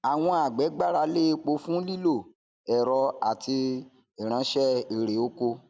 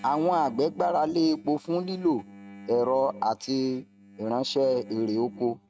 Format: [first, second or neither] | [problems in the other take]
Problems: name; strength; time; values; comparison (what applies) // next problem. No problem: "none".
first | noise reduction (neural mask model RNNoise)